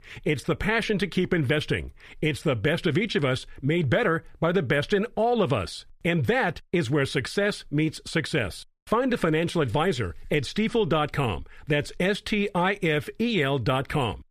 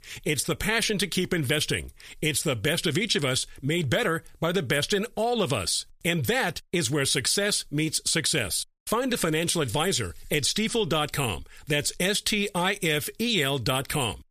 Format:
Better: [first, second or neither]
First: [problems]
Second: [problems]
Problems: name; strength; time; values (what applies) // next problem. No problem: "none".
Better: second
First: muffled; slightly; fading above 3.5 kHz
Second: none